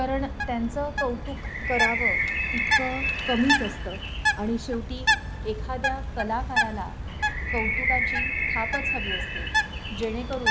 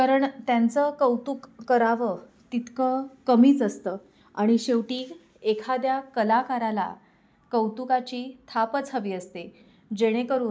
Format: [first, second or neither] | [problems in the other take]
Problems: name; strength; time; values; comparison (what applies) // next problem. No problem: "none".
second | background sound (Bird + Bird); 4 dB above the speech